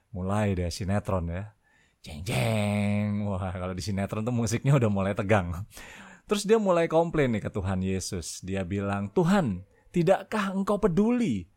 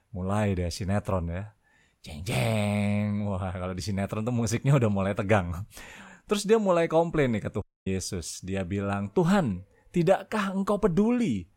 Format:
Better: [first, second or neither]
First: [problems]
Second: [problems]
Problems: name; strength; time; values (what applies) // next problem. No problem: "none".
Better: first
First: none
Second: audio cutting out; at 7.5 s